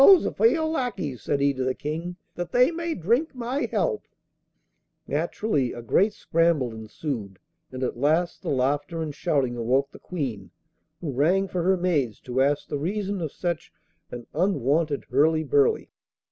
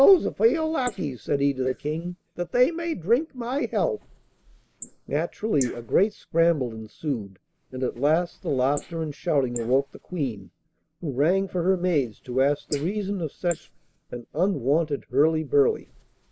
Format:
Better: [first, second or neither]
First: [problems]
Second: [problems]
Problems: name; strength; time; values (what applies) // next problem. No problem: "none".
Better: first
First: none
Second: noise reduction (neural mask model Resemble Enhance denoiser)